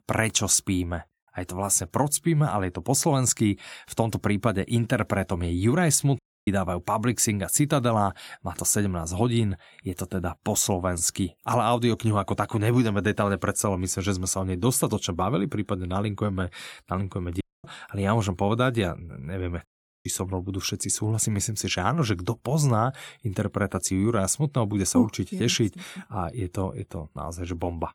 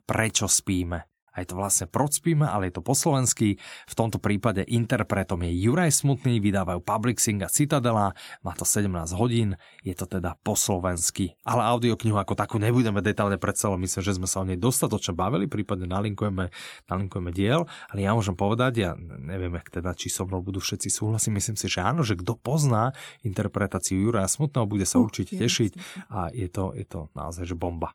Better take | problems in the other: second | audio cutting out; at 6 s, at 17 s and at 20 s

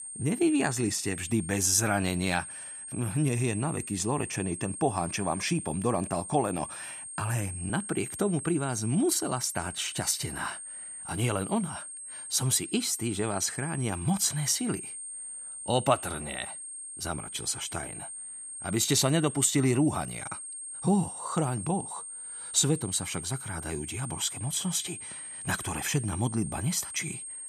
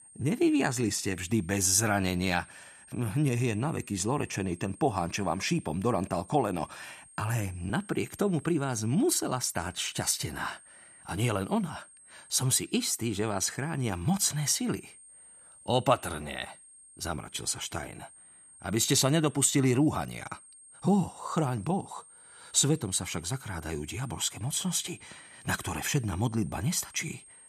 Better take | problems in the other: second | high-pitched whine; loud; throughout; 8.5 kHz, 9 dB below the speech; faint in the second

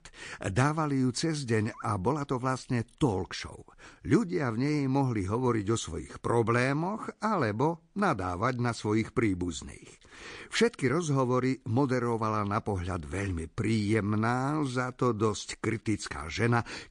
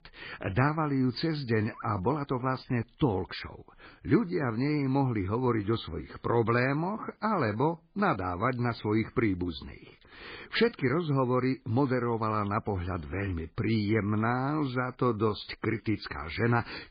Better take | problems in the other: first | garbled, watery; badly; nothing above 5 kHz; slightly in the first

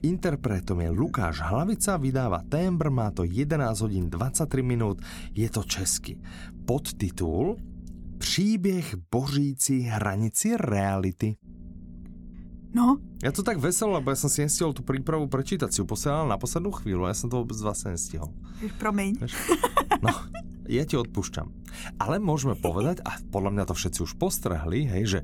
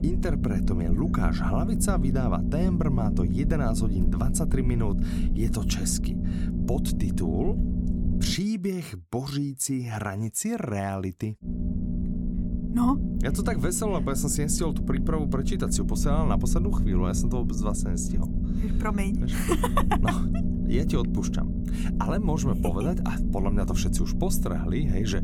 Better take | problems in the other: first | low rumble; loud; until 8.5 s and from 11 s on; 4 dB below the speech; faint in the first

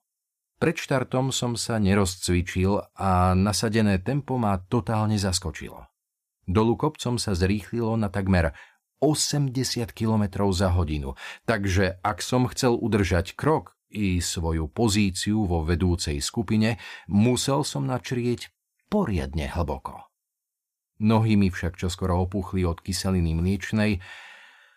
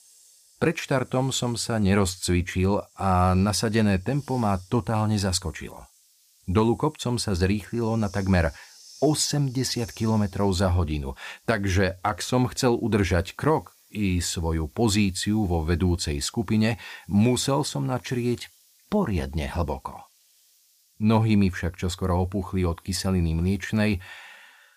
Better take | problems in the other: first | hiss; faint; throughout; 25 dB below the speech

